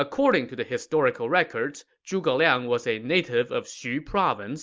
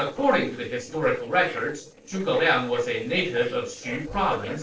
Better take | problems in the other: first | noise reduction (neural separator model SepFormer DNS4)

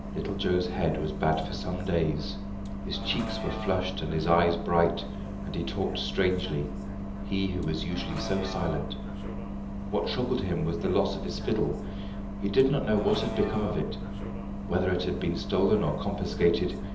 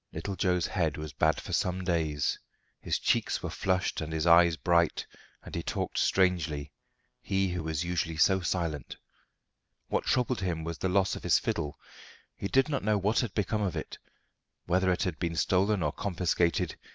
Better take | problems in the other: second | background sound (Bus); 5 dB below the speech // room echo; dies away in 1.2 s

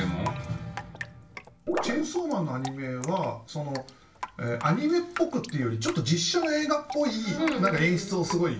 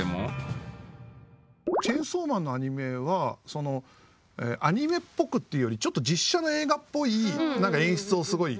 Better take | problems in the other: second | background sound (Drip); 14 dB below the speech // room echo; dies away in 0.3 s

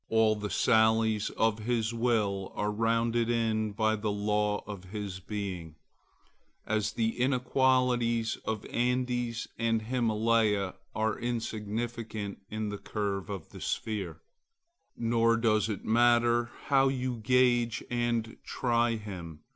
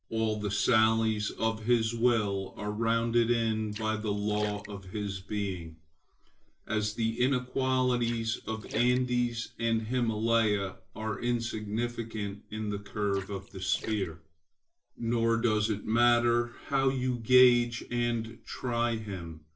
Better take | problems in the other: first | noise reduction (neural separator model SepFormer DNS4)

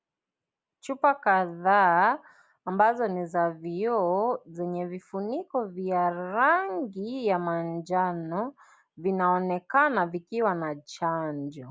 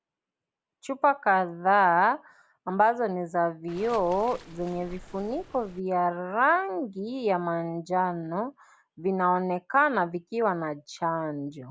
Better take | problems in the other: first | background sound (Waves, surf); 18 dB below the speech

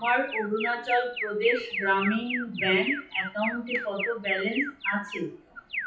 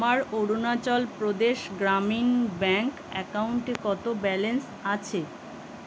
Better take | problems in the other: second | noise reduction (classical method WPE with log-MMSE)

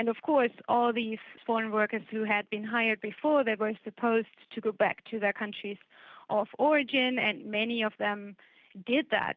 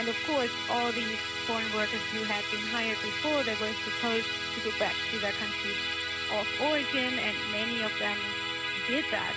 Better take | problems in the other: first | background sound (Musical instrument); 1 dB above the speech

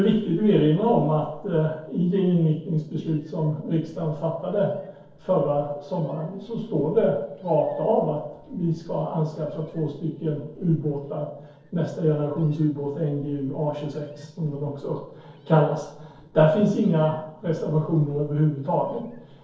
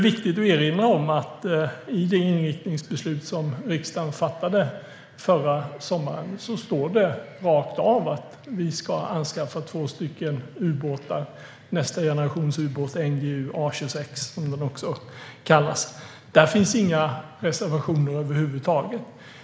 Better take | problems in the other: second | noise reduction (neural separator model SepFormer DNS4)

